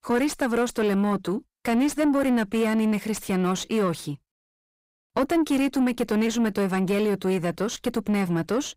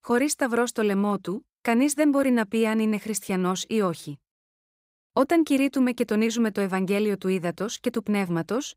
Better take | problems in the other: second | distortion; slight; 10 dB below the speech

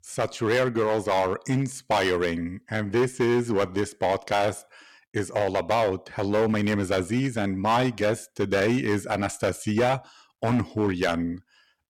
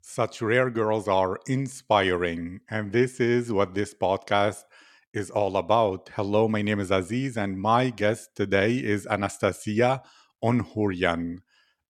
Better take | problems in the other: second | distortion; heavy; 8% of the sound clipped

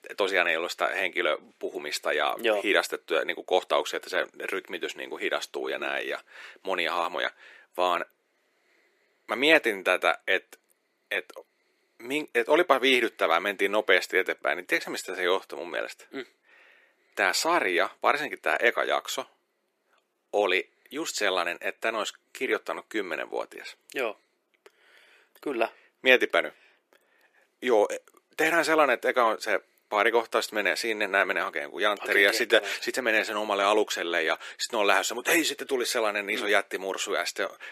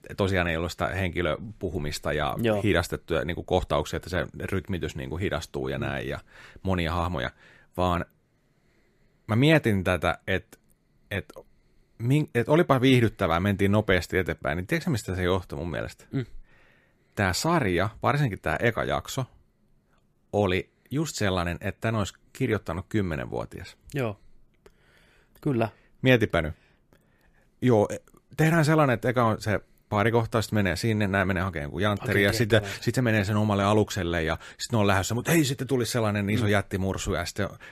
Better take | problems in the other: second | thin; very; fading below 350 Hz

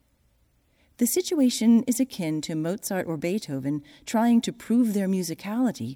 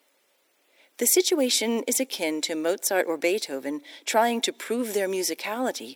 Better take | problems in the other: first | thin; very; fading below 400 Hz

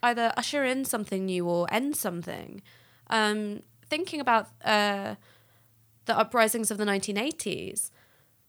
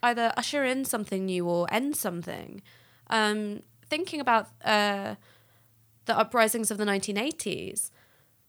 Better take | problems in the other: neither | none

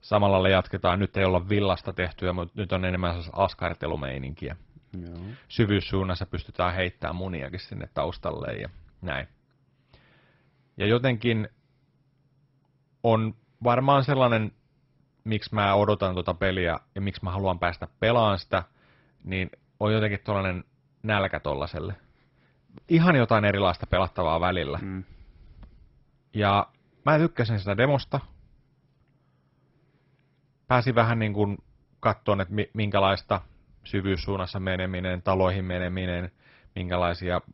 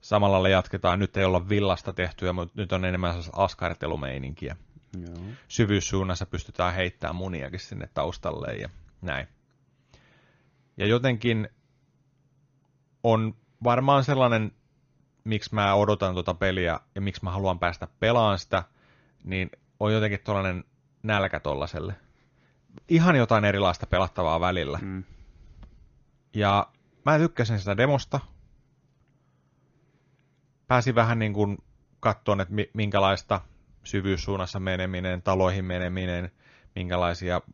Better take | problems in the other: second | garbled, watery; badly; nothing above 5.5 kHz; slightly in the second

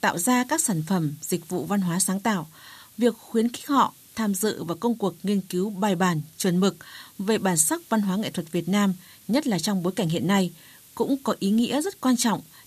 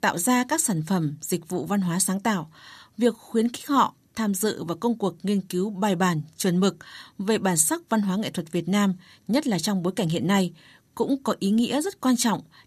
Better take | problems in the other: second | hiss; faint; throughout; 25 dB below the speech

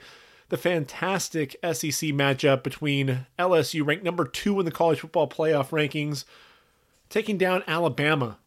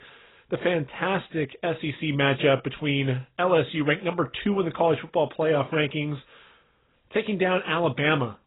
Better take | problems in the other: first | garbled, watery; badly; nothing above 3.5 kHz

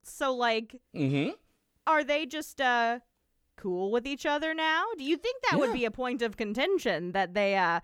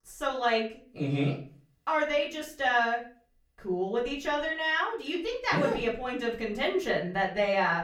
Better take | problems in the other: first | room echo; slight; dies away in 0.4 s // off-mic speech; far

